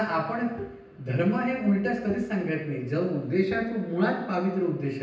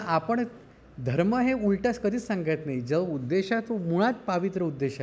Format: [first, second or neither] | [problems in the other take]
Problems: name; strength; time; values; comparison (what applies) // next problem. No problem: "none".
second | background sound (Bowed string instrument); 17 dB below the speech // room echo; dies away in 0.9 s